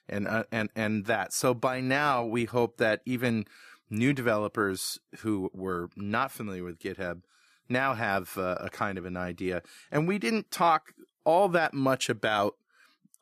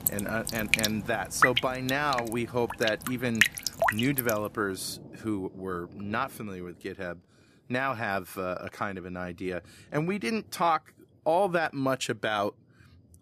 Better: first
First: none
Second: rain or running water; very loud; throughout; 2 dB above the speech

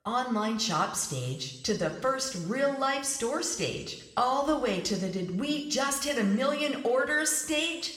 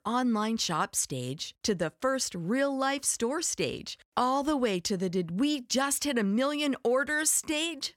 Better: second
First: room echo; slight; dies away in 0.9 s // off-mic speech; somewhat distant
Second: none

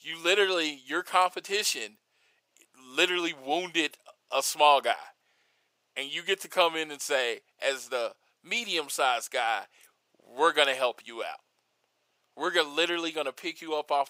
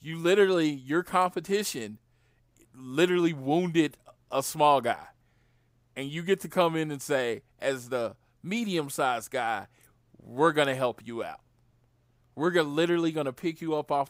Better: second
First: thin; very; fading below 550 Hz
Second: none

